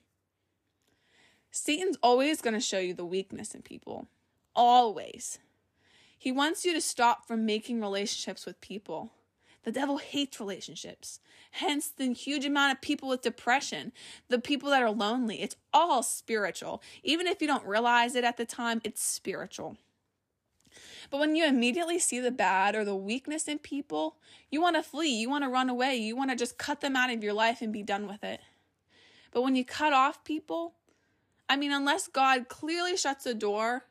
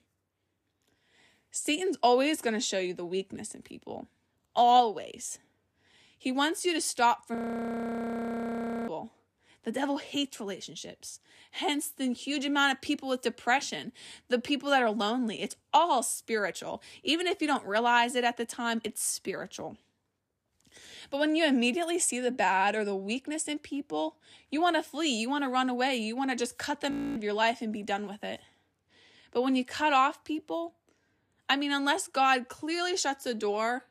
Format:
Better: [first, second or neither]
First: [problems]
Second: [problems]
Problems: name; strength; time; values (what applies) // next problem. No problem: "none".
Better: first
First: none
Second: audio freezing; at 7.5 s for 1.5 s and at 27 s